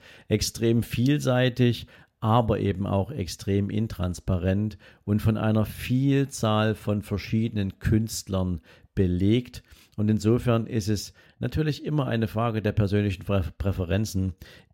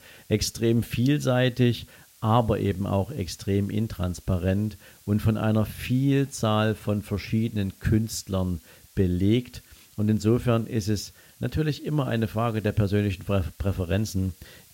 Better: first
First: none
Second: hiss; faint; throughout; 25 dB below the speech

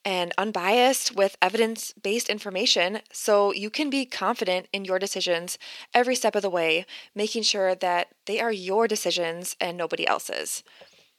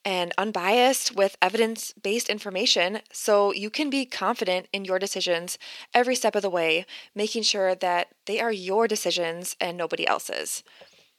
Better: neither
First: thin; somewhat; fading below 400 Hz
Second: thin; somewhat; fading below 400 Hz

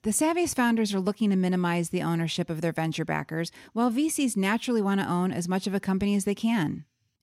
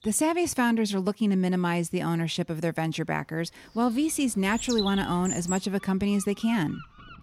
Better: first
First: none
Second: animal sounds; noticeable; throughout; 10 dB below the speech

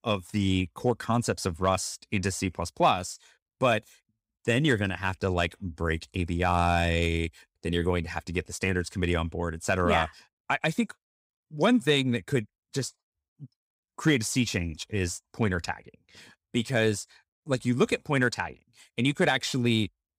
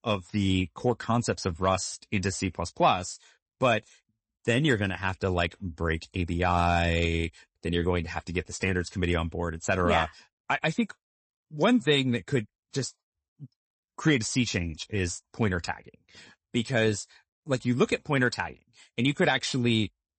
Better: first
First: none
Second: garbled, watery; slightly; nothing above 8 kHz

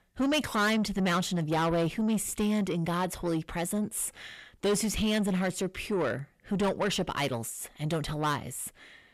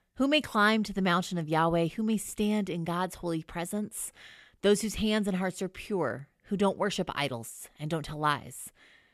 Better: second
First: distortion; heavy; 8 dB below the speech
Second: none

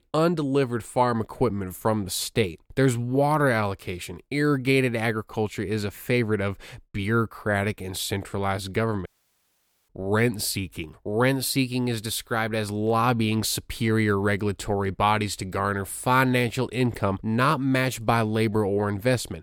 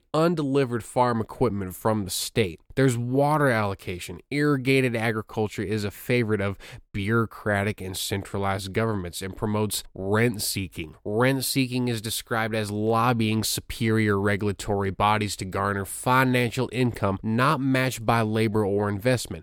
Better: second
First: audio cutting out; at 9 s for 1 s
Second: none

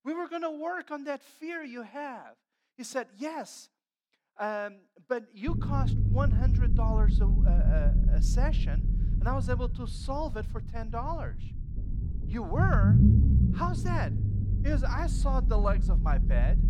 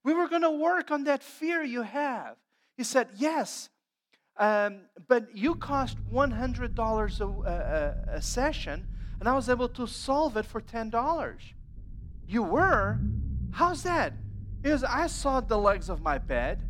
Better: second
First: low rumble; loud; from 5.5 s on; 5 dB below the speech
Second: low rumble; faint; from 5.5 s on; 25 dB below the speech

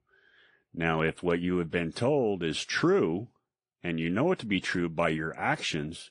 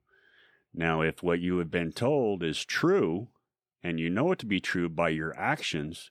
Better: second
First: garbled, watery; slightly; nothing above 10 kHz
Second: none

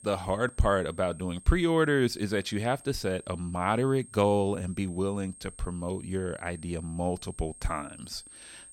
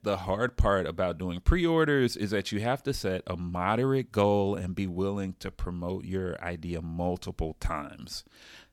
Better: second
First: high-pitched whine; noticeable; throughout; 8.5 kHz, 20 dB below the speech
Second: none

